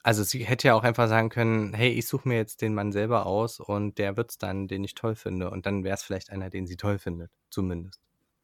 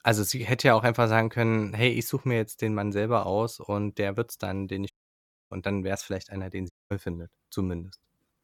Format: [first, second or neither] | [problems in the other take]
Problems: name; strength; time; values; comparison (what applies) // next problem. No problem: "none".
first | audio cutting out; at 5 s for 0.5 s and at 6.5 s